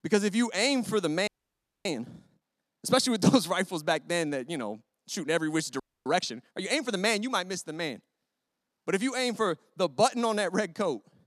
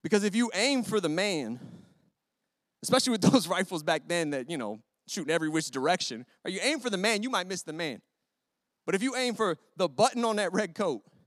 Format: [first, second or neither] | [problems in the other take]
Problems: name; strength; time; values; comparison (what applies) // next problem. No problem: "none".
second | audio freezing; at 1.5 s for 0.5 s and at 6 s